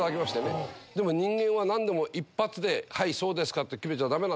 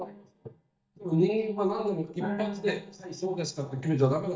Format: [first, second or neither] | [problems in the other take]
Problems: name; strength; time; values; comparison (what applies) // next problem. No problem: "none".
first | noise reduction (neural mask model DeepFilterNet 3)